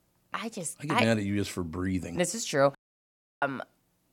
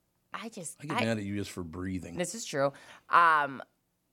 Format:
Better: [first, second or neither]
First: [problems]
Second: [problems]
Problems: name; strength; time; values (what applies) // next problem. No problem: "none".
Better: second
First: audio cutting out; at 3 s for 0.5 s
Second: none